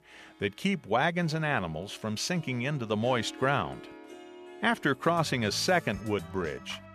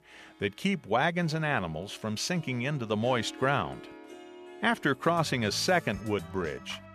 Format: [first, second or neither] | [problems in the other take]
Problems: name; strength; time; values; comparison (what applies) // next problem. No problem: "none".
neither | background music; noticeable; throughout; 20 dB below the speech; the same in both